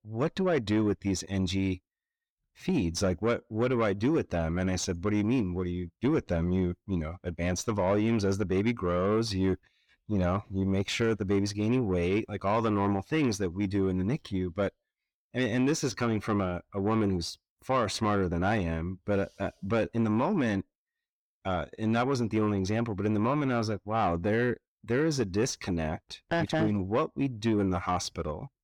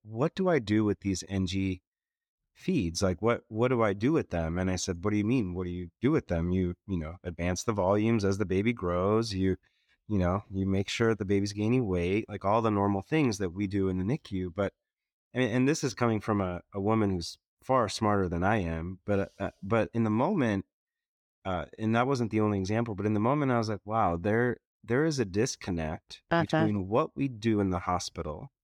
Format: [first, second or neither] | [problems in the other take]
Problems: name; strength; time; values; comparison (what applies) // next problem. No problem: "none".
second | distortion; slight; 10 dB below the speech